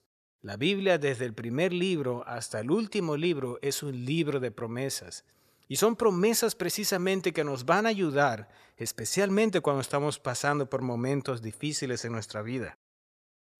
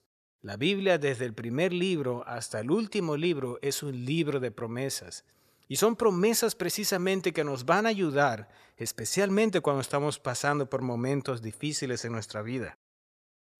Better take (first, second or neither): neither